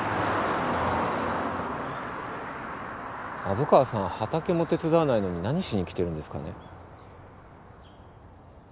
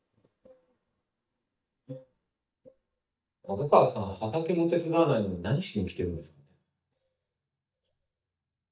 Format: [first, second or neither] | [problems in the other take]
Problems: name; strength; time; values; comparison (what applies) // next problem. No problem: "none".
first | noise reduction (neural mask model DeepFilterNet 3)